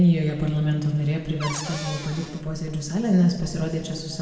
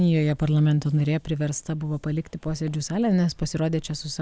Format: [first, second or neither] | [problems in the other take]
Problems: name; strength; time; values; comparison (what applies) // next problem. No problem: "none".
second | background sound (Cupboard open or close / Door); 12 dB below the speech // room echo; dies away in 2.2 s